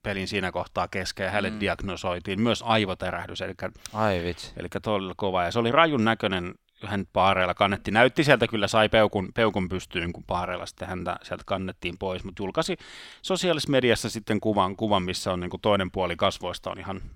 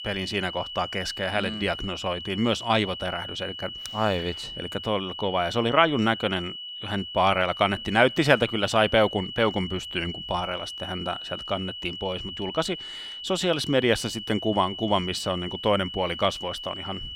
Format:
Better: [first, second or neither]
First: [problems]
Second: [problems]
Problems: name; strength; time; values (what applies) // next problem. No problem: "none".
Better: first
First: none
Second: high-pitched whine; loud; throughout; 3 kHz, 9 dB below the speech